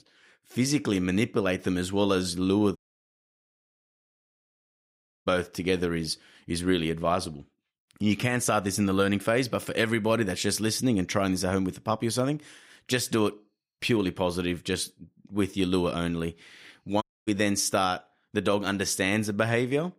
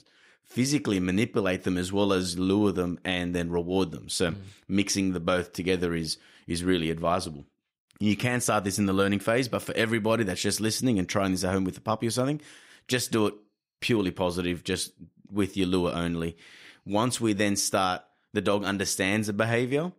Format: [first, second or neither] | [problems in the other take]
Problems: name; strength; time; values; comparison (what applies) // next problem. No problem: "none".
second | audio cutting out; at 3 s for 2.5 s and at 17 s